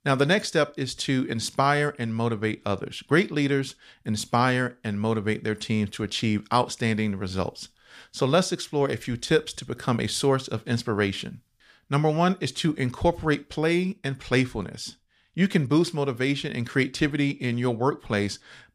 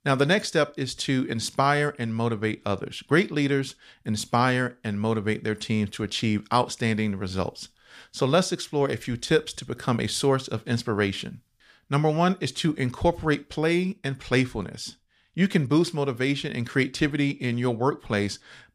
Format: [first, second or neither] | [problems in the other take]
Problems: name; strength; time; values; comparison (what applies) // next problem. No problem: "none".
neither | none